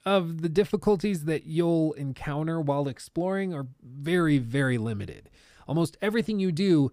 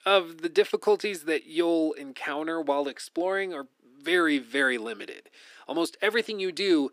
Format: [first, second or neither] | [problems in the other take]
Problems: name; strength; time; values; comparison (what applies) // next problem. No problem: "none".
first | thin; somewhat; fading below 300 Hz